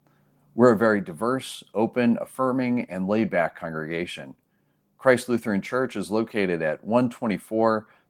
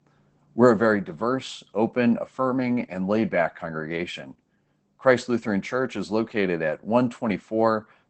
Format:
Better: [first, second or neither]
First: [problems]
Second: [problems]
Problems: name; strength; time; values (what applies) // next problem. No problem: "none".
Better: first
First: garbled, watery; slightly; nothing above 17.5 kHz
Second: garbled, watery; badly; nothing above 8 kHz